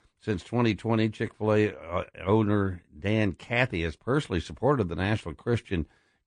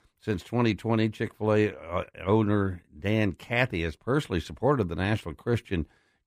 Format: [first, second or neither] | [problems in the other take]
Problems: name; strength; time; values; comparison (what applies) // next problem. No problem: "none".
second | garbled, watery; slightly; nothing above 9.5 kHz